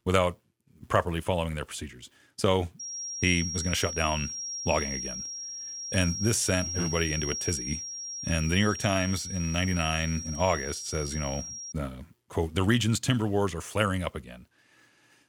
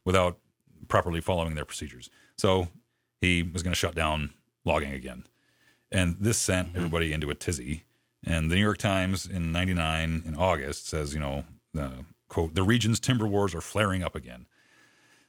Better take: second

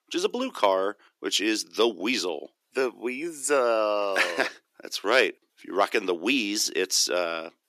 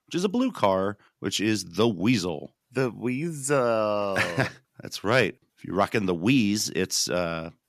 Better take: second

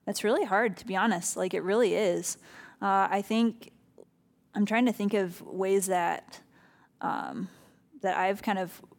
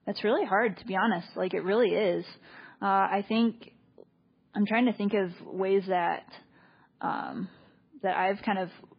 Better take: first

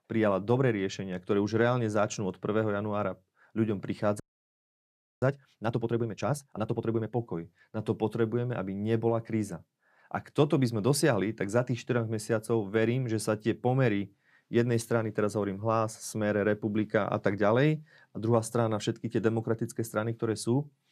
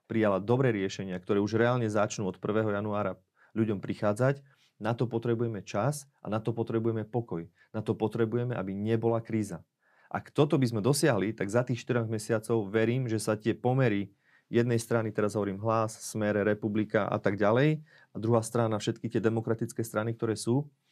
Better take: second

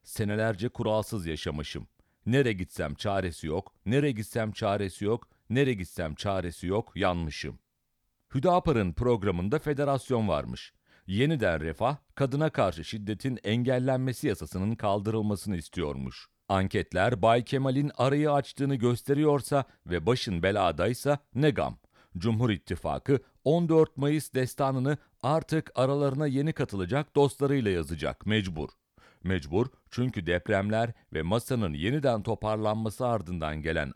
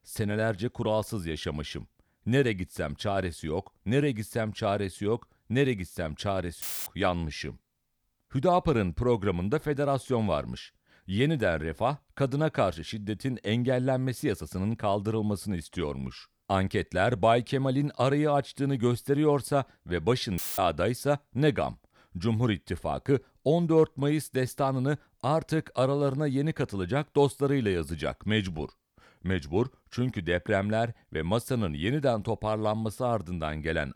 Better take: first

